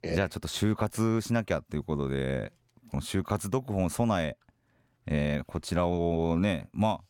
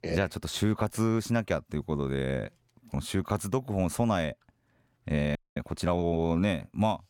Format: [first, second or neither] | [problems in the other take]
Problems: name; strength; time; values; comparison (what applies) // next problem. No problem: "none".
first | audio freezing; at 5.5 s